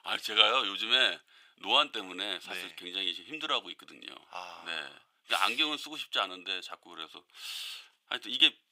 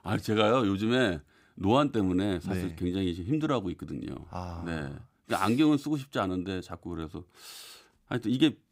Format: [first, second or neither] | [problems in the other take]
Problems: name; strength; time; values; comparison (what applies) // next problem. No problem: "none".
second | thin; very; fading below 850 Hz